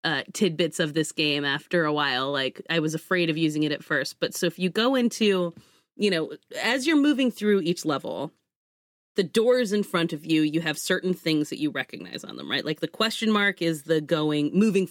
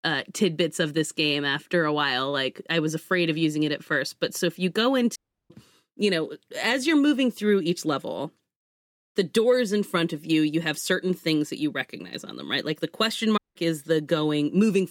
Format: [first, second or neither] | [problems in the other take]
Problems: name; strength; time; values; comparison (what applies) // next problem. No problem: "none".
first | audio cutting out; at 5 s and at 13 s